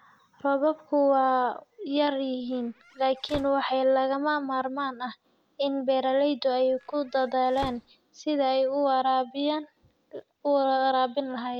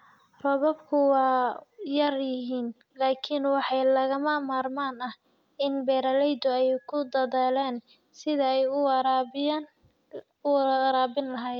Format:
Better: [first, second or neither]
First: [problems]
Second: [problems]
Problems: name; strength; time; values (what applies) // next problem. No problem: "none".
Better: second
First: background sound (Squeak / Slam / Wood); 18 dB below the speech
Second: none